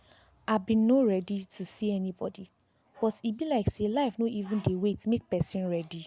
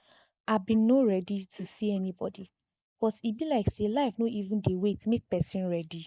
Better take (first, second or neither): first